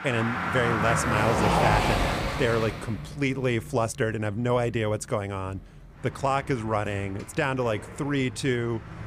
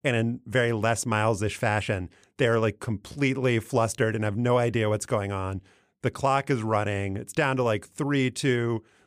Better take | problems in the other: second | traffic noise; very loud; throughout; 1 dB above the speech

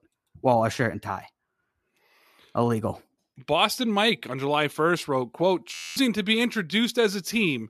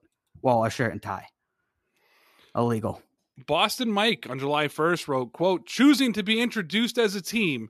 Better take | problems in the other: second | audio freezing; at 5.5 s

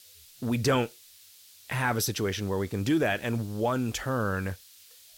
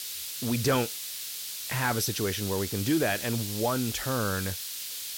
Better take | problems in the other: first | hiss; loud; throughout; 4 dB below the speech; faint in the first

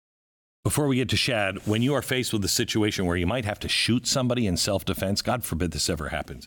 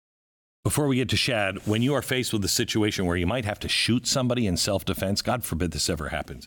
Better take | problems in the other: neither | none

